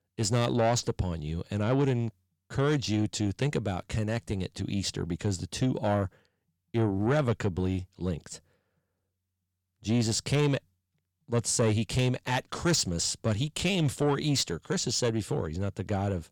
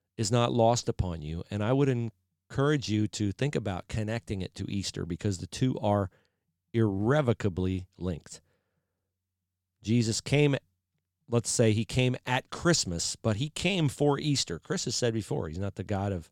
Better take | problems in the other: second | distortion; slight; 10 dB below the speech

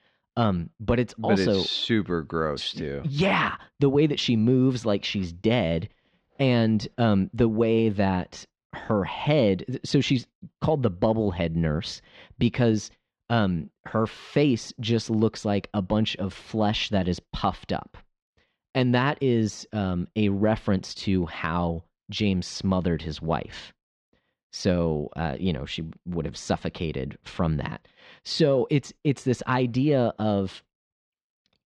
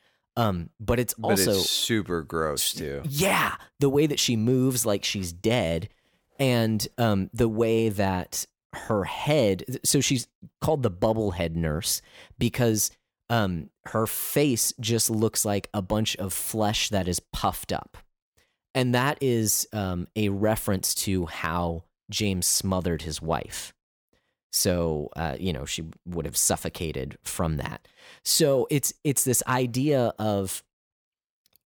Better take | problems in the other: second | muffled; slightly; fading above 4.5 kHz

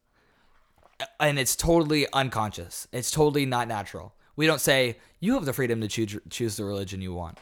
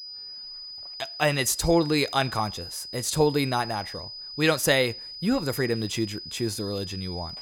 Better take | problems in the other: first | high-pitched whine; noticeable; throughout; 5 kHz, 10 dB below the speech

